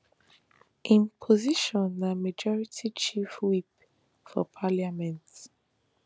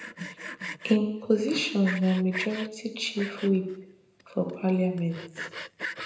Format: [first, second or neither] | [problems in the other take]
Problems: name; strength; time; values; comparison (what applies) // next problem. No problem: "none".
first | background sound (Sawing); 12 dB below the speech // room echo; dies away in 0.8 s